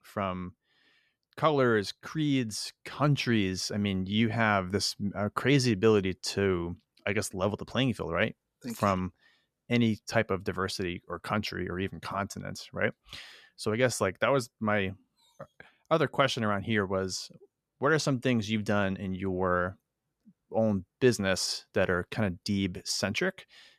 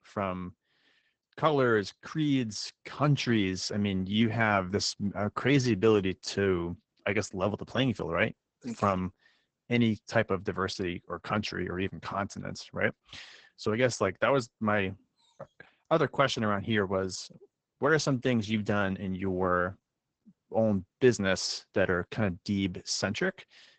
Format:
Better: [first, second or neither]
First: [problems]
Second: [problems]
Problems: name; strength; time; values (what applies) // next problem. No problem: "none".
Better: first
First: none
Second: garbled, watery; badly; nothing above 8 kHz